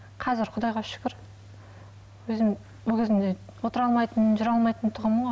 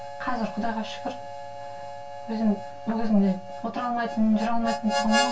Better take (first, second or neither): first